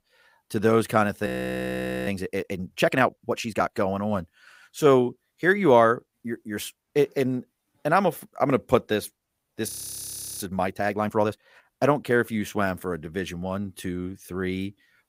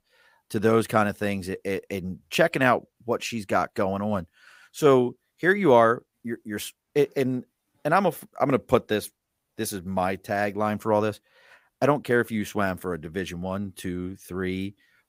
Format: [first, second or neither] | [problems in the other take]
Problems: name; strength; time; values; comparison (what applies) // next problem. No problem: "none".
second | audio freezing; at 1.5 s for 1 s and at 9.5 s for 0.5 s